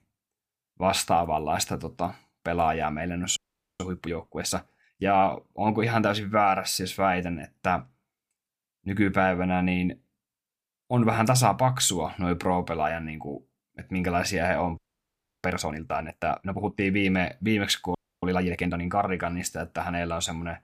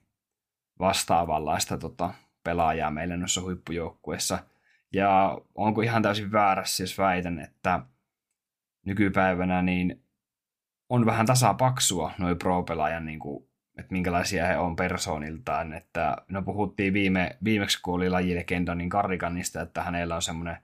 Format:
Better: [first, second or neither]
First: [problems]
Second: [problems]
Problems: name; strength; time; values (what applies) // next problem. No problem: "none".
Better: second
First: audio freezing; at 3.5 s, at 15 s for 0.5 s and at 18 s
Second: none